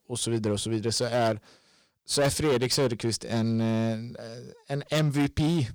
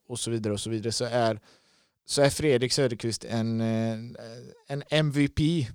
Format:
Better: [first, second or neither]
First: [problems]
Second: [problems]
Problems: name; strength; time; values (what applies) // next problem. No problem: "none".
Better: second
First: distortion; slight; 9% of the sound clipped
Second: none